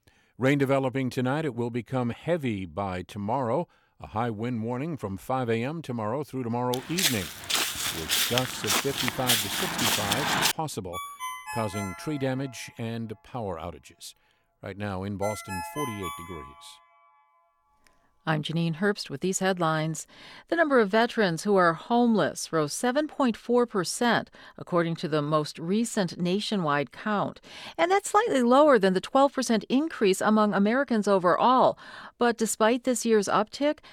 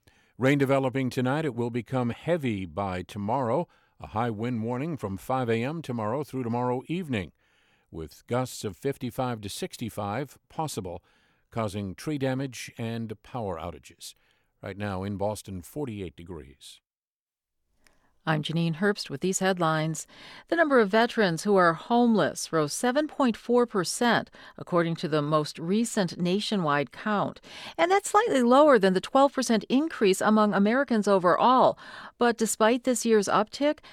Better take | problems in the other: second | footsteps; loud; from 6.5 to 11 s; peak 3 dB above the speech // phone ringing; noticeable; from 11 to 17 s; peak 8 dB below the speech

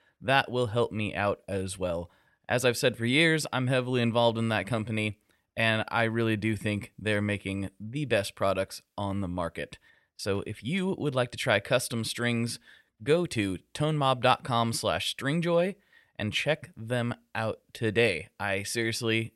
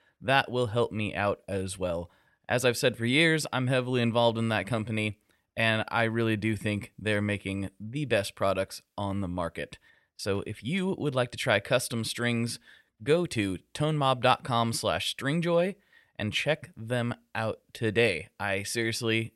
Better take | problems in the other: neither | none

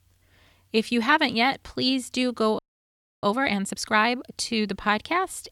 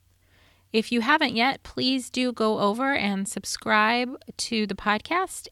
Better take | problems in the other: second | audio freezing; at 2.5 s for 0.5 s

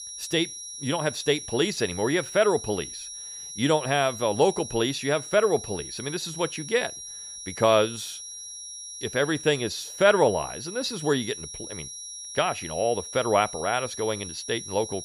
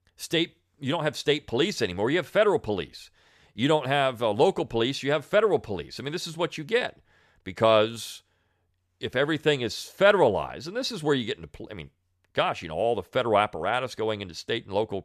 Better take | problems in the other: second | high-pitched whine; noticeable; throughout; 5.5 kHz, 10 dB below the speech

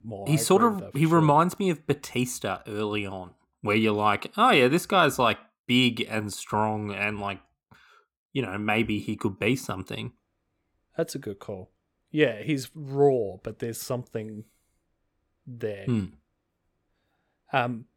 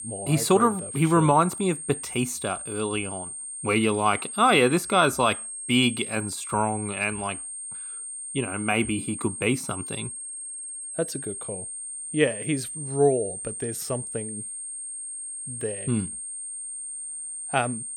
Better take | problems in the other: first | high-pitched whine; loud; throughout; 8.5 kHz, 8 dB below the speech

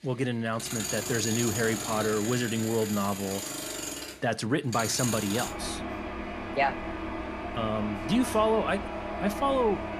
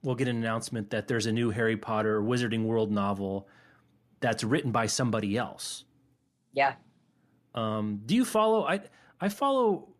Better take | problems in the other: second | machinery noise; loud; throughout; 5 dB below the speech

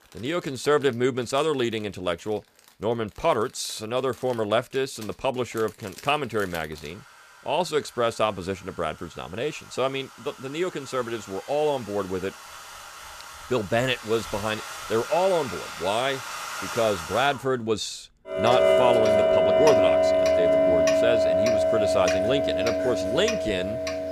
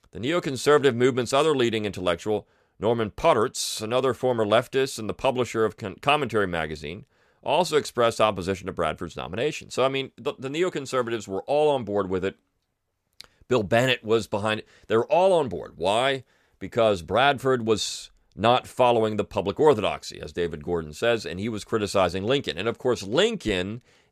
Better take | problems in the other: second | household noises; very loud; throughout; 3 dB above the speech

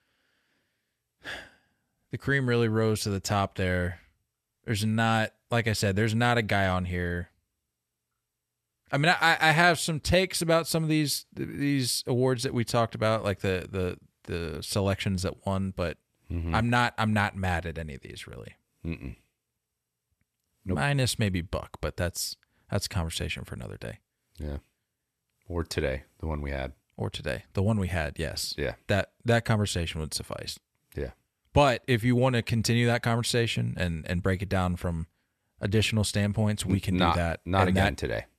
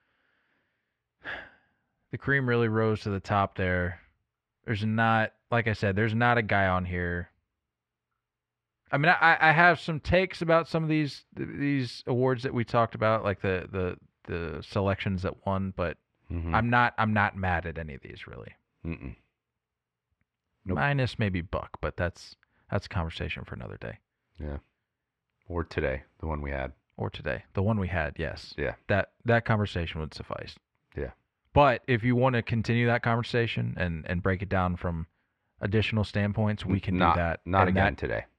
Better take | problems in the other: first | muffled; slightly; fading above 2.5 kHz

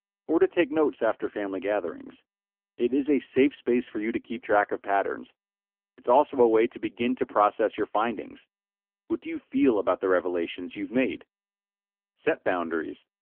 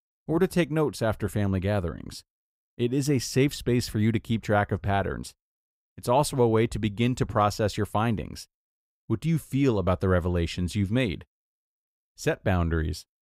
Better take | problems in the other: second | phone-call audio; poor line; nothing above 3 kHz

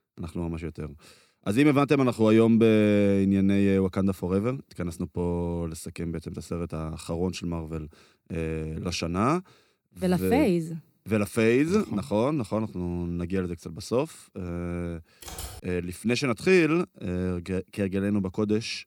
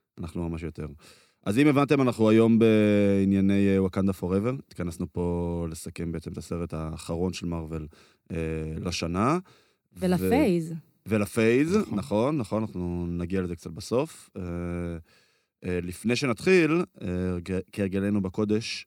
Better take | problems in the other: second | keyboard typing; faint; at 15 s; peak 10 dB below the speech

